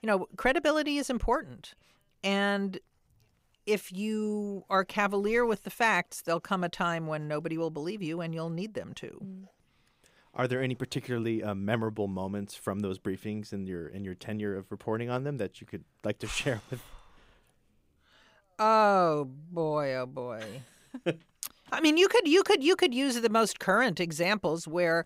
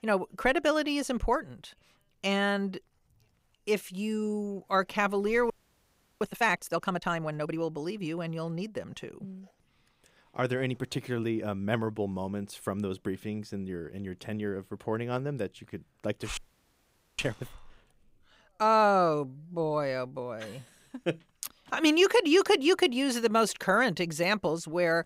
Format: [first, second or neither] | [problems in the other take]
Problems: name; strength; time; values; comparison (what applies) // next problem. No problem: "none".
first | audio freezing; at 5.5 s for 0.5 s and at 16 s for 1 s